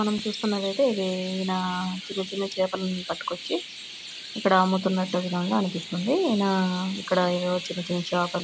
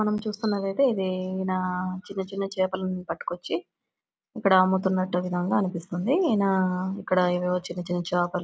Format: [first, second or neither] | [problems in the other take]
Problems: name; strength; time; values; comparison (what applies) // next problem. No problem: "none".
second | background sound (Chirp, tweet); 12 dB below the speech